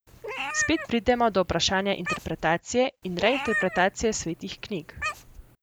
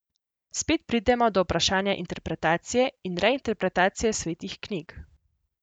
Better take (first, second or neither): second